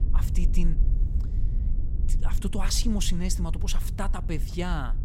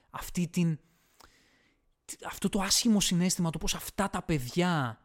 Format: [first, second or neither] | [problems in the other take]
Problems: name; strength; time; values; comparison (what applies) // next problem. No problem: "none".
second | low rumble; noticeable; throughout; 15 dB below the speech